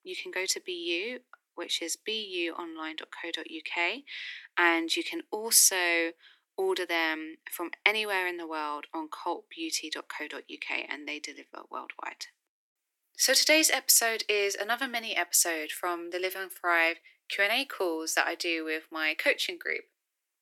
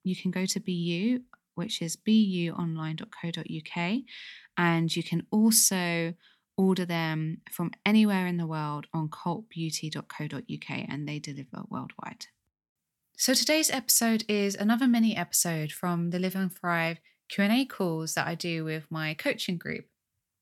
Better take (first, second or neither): second